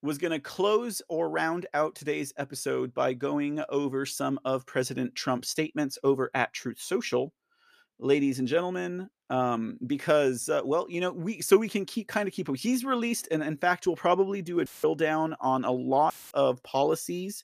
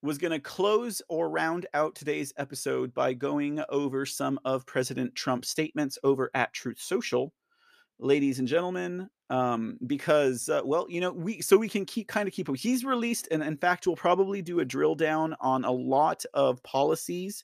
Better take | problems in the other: second | audio cutting out; filled with static; at 15 s and at 16 s

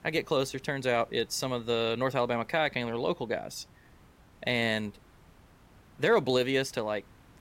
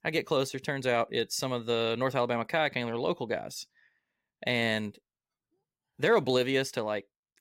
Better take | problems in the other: second | hiss; faint; throughout; 30 dB below the speech

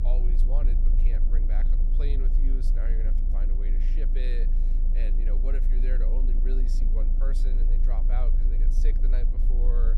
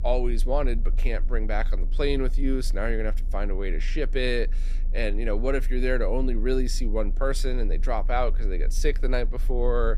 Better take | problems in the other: second | low rumble; loud; throughout; 4 dB below the speech; faint in the second

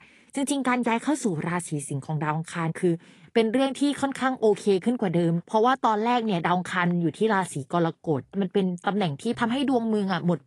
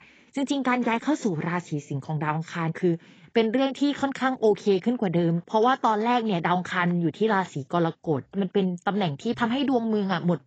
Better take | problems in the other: first | garbled, watery; badly; nothing above 8 kHz; slightly in the first

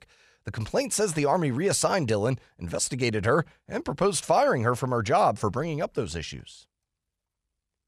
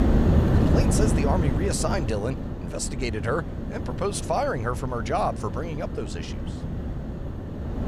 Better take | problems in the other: first | wind noise on the microphone; heavy; 5 dB below the speech

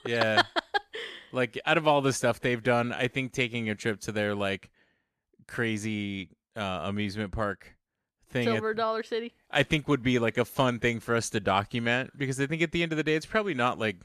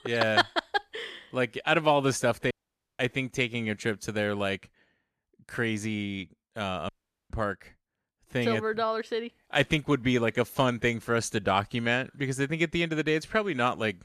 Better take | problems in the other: first | audio cutting out; at 2.5 s and at 7 s

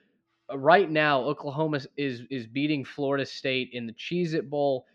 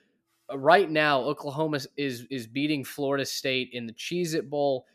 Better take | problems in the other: second | muffled; very slightly; fading above 4 kHz

